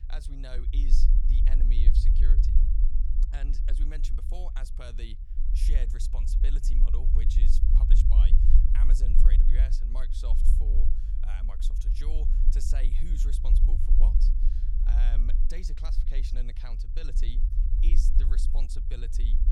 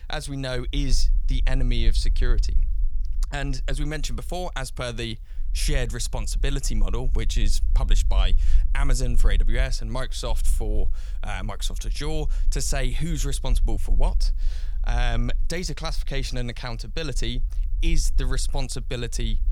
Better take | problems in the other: second | low rumble; loud; throughout; 3 dB below the speech; faint in the second

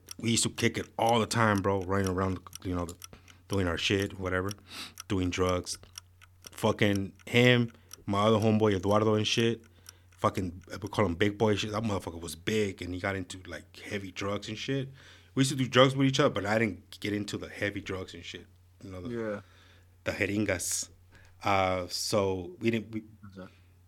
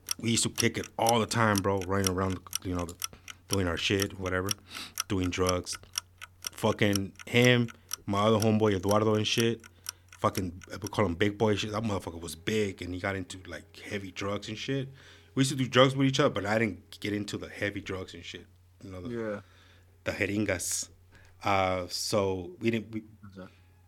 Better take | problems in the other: first | household noises; loud; throughout; 9 dB below the speech; faint in the first

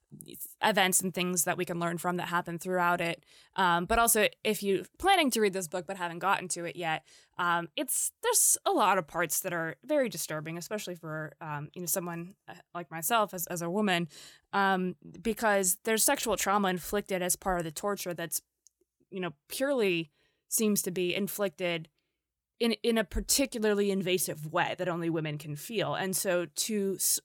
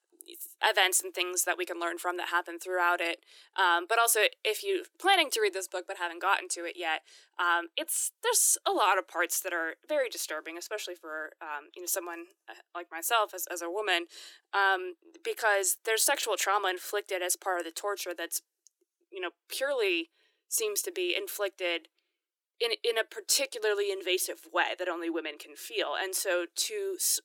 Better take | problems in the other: first | thin; very; fading below 350 Hz

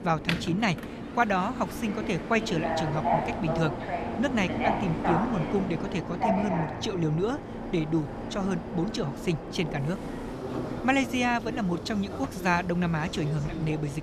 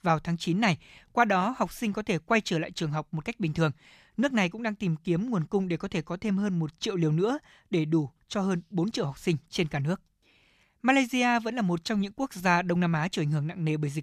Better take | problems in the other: second | train or aircraft noise; loud; throughout; 4 dB below the speech

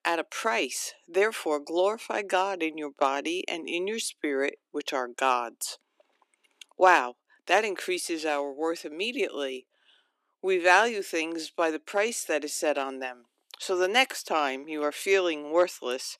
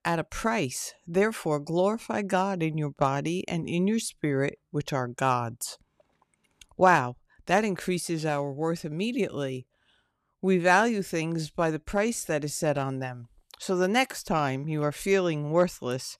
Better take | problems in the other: second | thin; somewhat; fading below 300 Hz

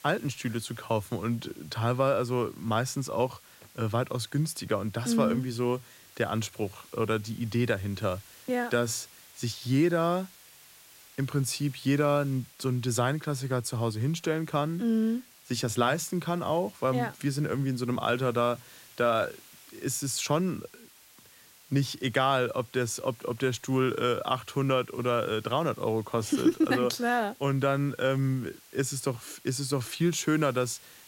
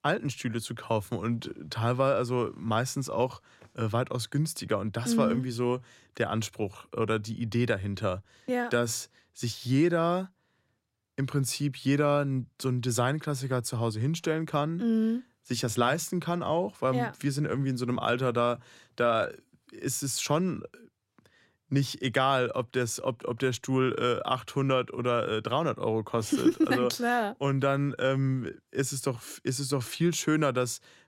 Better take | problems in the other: second | hiss; faint; throughout; 25 dB below the speech

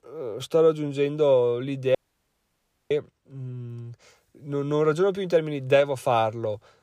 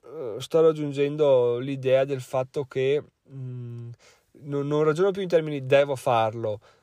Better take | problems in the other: second | audio cutting out; at 2 s for 1 s

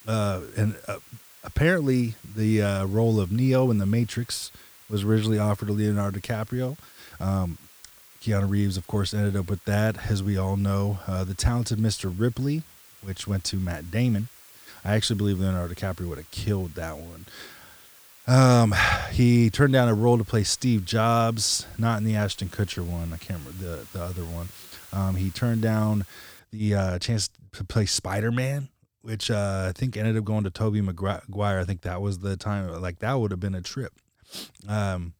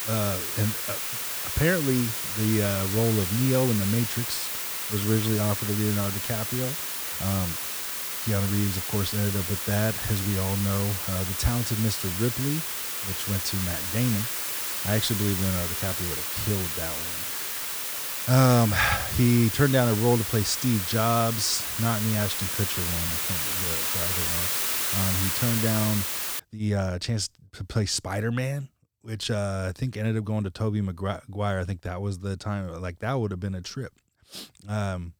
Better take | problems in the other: first | hiss; loud; until 26 s; as loud as the speech; faint in the first

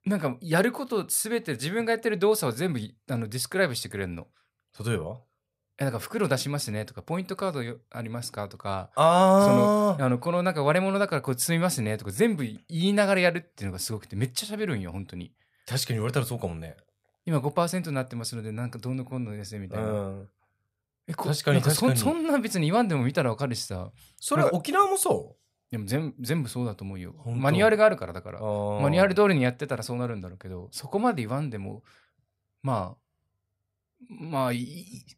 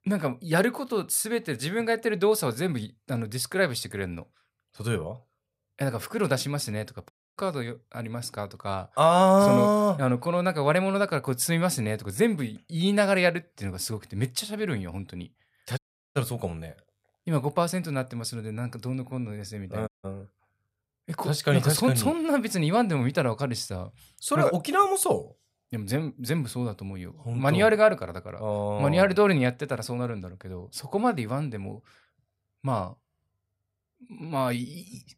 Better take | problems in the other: first | audio cutting out; at 7 s, at 16 s and at 20 s

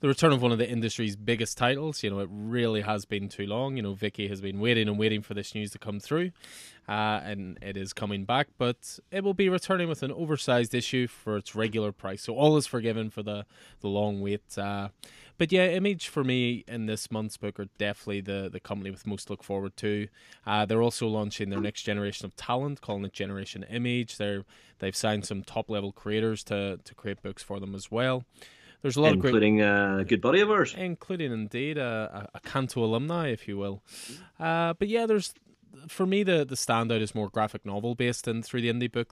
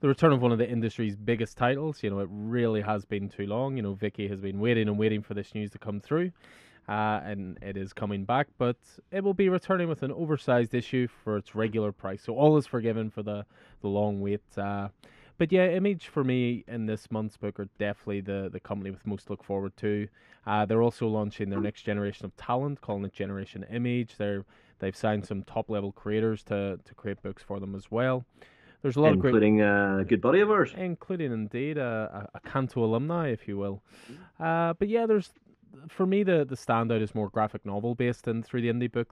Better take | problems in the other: first | muffled; very; fading above 3 kHz

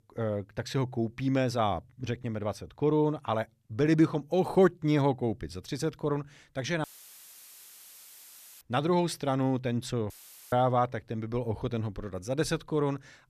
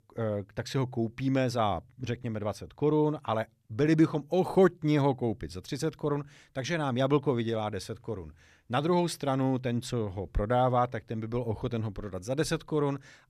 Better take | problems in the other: second | audio cutting out; filled with static; at 7 s for 2 s and at 10 s

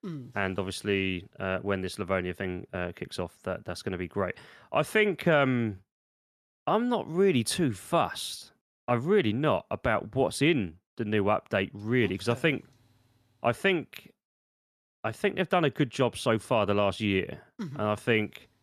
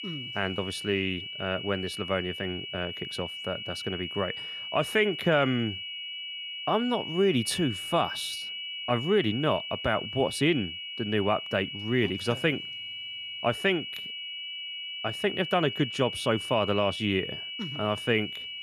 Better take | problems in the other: first | high-pitched whine; loud; throughout; 3 kHz, 6 dB below the speech

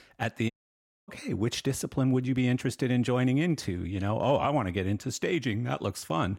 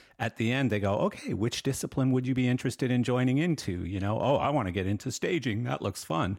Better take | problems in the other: second | audio cutting out; at 0.5 s for 0.5 s

